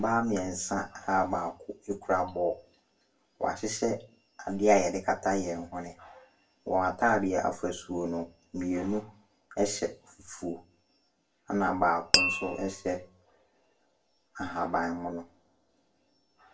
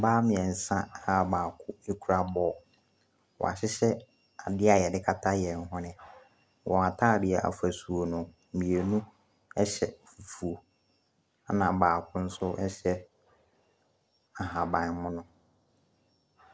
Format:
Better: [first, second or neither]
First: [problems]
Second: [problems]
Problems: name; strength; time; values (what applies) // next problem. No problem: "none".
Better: second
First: background sound (Glass); 2 dB above the speech // room echo; dies away in 0.2 s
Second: none